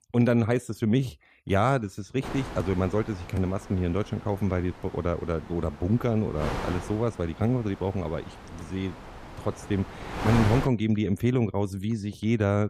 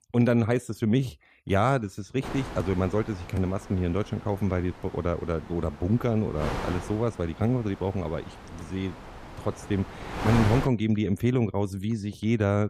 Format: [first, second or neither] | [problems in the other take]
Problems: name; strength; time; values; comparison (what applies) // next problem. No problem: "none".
neither | wind noise on the microphone; heavy; from 2 to 11 s; 7 dB below the speech; the same in both